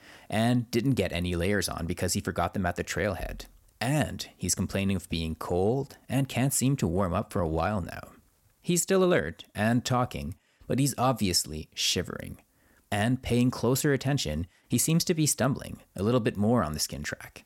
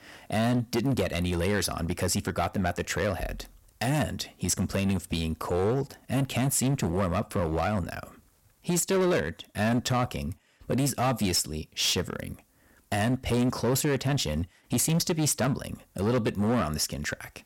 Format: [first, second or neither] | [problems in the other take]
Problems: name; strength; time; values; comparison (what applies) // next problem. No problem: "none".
first | distortion; slight; 11% of the sound clipped